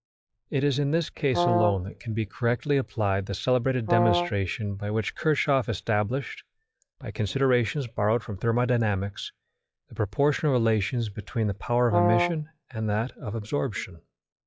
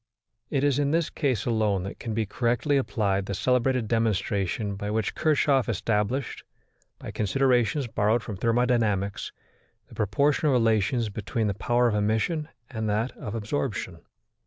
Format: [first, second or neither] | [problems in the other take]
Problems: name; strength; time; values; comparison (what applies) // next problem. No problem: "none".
second | noise reduction (classical method log-MMSE)